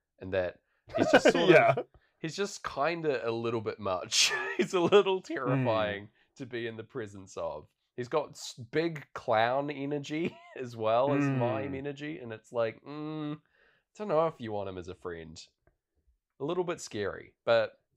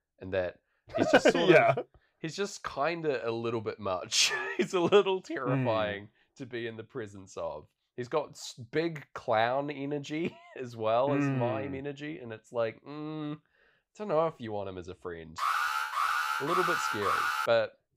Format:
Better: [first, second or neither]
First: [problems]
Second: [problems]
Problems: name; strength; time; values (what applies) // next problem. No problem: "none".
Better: first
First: none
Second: alarm; loud; from 15 to 17 s; peak 2 dB above the speech